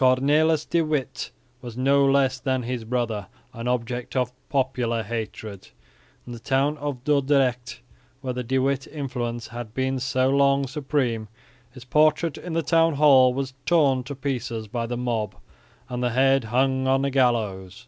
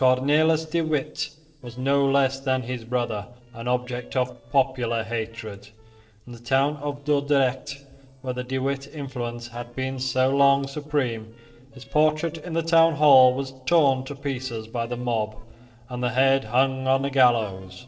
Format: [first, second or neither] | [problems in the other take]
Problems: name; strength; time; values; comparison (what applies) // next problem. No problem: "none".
first | noise reduction (neural separator model SepFormer DNS4)